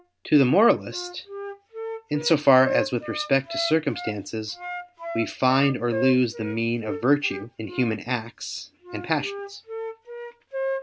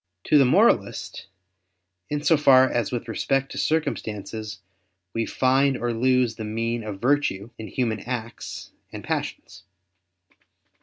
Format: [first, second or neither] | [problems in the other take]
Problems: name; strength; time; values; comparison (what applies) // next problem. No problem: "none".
second | background sound (Wind instrument, woodwind instrument); 10 dB below the speech